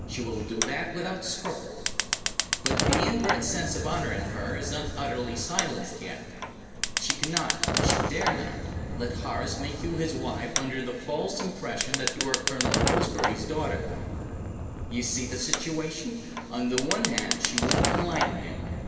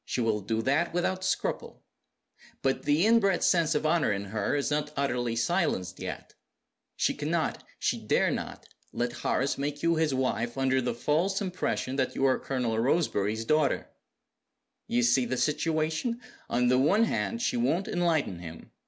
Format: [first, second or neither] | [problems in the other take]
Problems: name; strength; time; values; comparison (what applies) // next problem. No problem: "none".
second | background sound (Fire); 1 dB above the speech // room echo; dies away in 2.6 s